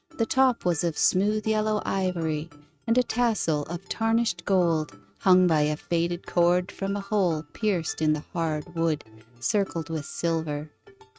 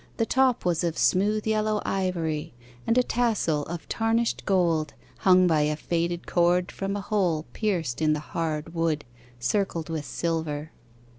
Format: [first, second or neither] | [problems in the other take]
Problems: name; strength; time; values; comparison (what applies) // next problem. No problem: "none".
second | noise reduction (neural mask model RNNoise)